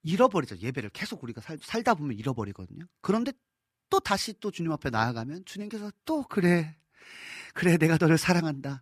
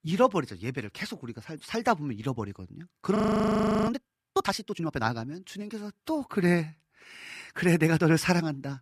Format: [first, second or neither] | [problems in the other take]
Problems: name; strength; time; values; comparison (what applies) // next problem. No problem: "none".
first | audio freezing; at 3 s for 0.5 s